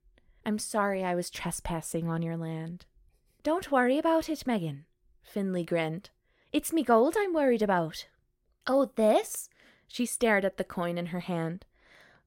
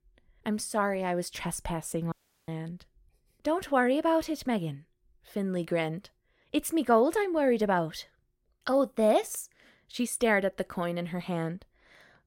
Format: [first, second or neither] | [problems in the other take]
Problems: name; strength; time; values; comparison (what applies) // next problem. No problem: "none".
first | audio cutting out; at 2 s